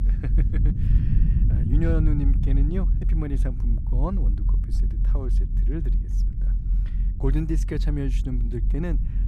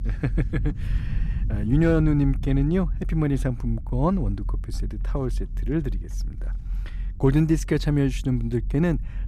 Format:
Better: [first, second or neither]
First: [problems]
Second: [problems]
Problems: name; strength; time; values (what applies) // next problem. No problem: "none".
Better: second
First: low rumble; loud; throughout; 6 dB below the speech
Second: low rumble; faint; throughout; 20 dB below the speech